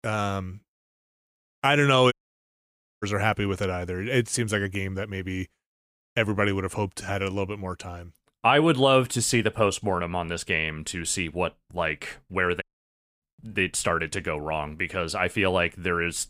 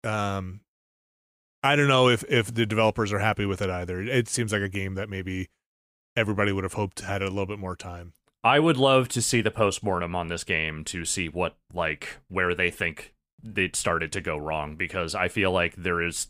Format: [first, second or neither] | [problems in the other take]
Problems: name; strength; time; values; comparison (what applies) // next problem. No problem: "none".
second | audio cutting out; at 2 s for 1 s and at 13 s for 0.5 s